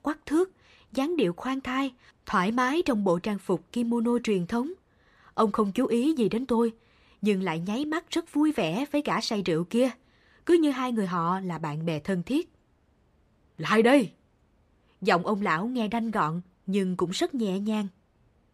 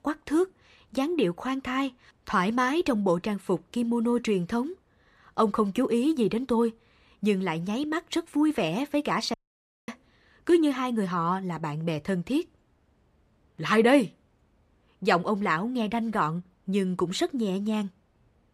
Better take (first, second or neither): first